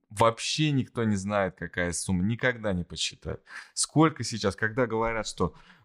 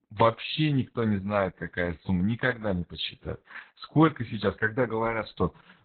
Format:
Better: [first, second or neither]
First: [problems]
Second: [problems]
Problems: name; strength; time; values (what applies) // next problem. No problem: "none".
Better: first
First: none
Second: garbled, watery; badly; nothing above 4 kHz